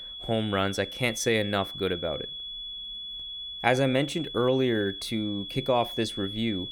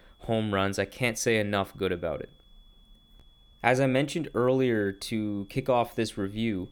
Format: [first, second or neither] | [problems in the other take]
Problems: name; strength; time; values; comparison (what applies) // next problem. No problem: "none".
second | high-pitched whine; loud; throughout; 3.5 kHz, 8 dB below the speech; faint in the second